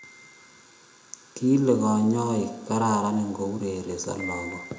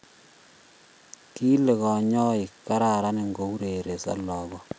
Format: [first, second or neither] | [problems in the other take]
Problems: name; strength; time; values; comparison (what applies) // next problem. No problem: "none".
second | background sound (Wind chime); 19 dB below the speech // room echo; dies away in 0.6 s